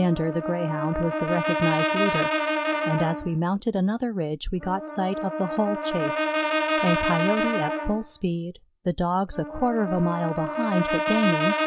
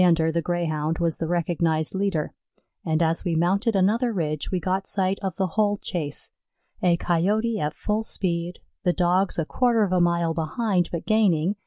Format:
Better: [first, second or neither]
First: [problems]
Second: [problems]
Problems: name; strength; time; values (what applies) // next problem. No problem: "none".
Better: second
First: background sound (Brass instrument); 1 dB below the speech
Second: none